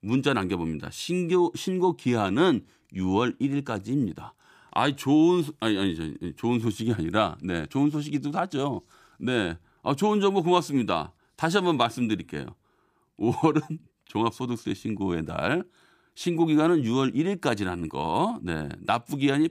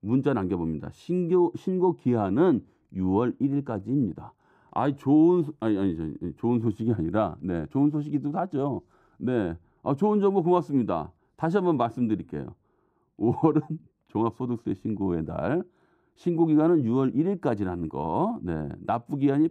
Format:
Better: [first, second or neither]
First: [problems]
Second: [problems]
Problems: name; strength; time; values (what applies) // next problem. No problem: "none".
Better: first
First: none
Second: muffled; very; fading above 1.5 kHz